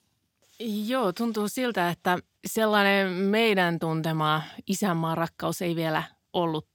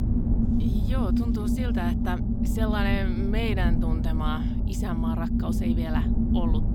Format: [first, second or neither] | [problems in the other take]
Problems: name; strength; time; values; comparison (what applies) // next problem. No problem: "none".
first | low rumble; loud; throughout; as loud as the speech